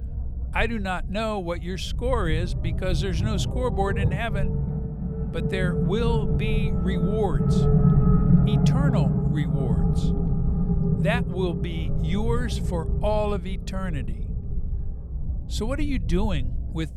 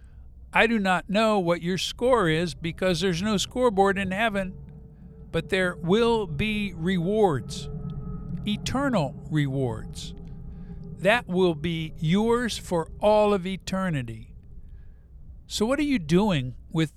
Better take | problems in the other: second | low rumble; loud; throughout; 3 dB below the speech; faint in the second

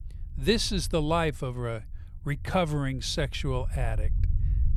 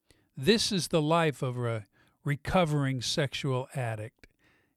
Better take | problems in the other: second | low rumble; faint; throughout; 25 dB below the speech

